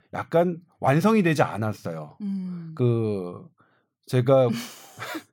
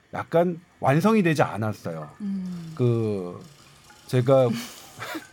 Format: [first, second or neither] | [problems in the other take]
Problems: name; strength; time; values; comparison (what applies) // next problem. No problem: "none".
first | household noises; faint; throughout; 25 dB below the speech